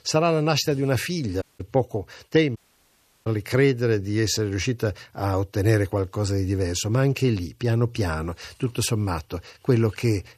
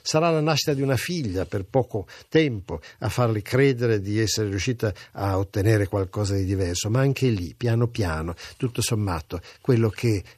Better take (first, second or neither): second